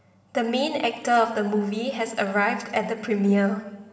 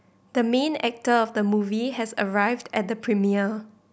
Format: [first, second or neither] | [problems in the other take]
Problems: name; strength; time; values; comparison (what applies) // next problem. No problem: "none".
second | room echo; dies away in 2.5 s